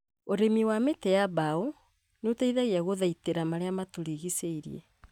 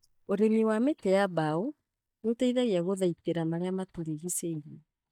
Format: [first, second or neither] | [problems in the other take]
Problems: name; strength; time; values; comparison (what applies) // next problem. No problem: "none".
first | noise reduction (neural mask model DeepFilterNet 3)